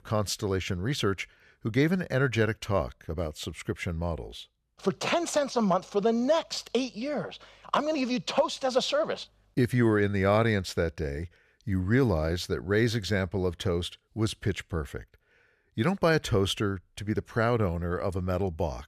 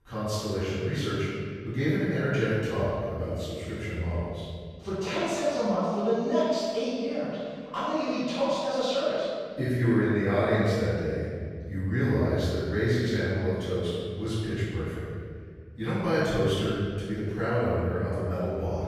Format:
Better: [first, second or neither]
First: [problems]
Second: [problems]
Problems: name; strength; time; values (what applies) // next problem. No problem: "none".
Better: first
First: none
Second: off-mic speech; far // room echo; strong; dies away in 1.9 s